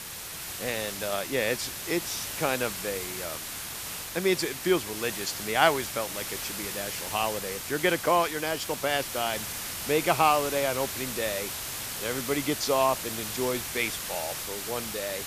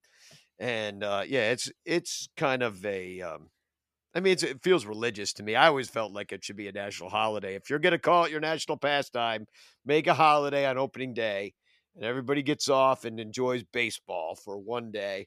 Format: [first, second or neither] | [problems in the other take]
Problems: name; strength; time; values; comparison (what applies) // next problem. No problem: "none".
second | hiss; loud; throughout; 4 dB below the speech